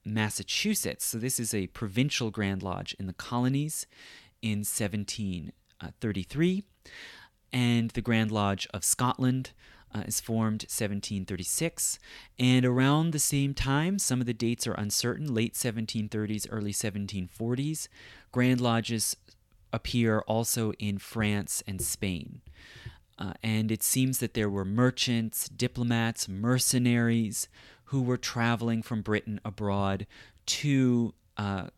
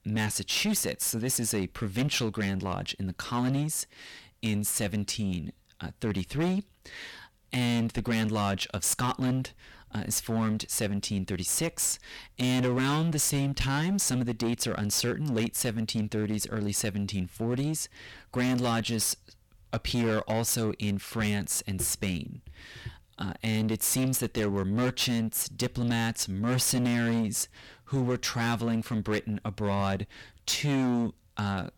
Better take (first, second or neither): first